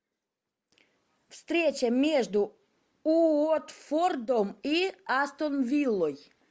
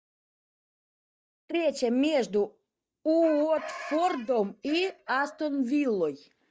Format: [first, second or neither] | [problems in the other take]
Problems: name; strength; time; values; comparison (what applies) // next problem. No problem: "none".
first | noise reduction (neural mask model DeepFilterNet 3)